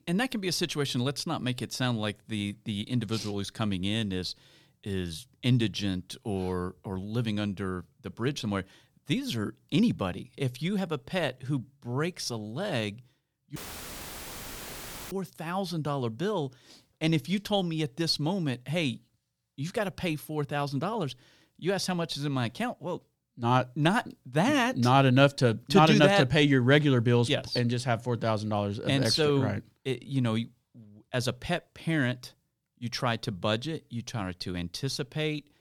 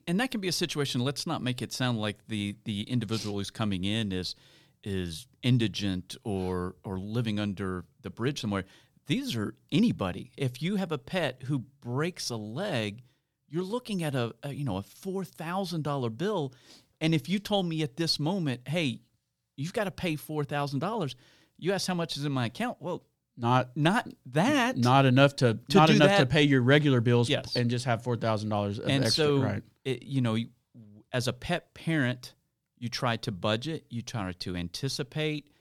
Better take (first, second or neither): second